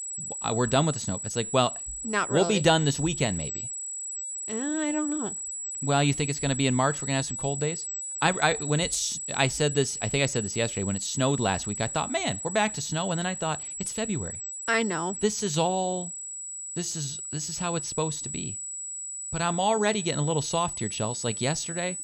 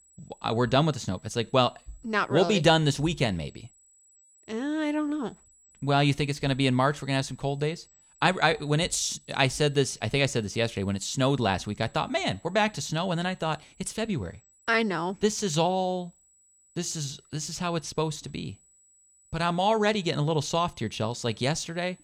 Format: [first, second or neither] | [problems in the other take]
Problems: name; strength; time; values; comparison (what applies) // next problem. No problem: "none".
second | high-pitched whine; loud; throughout; 8 kHz, 5 dB below the speech; faint in the second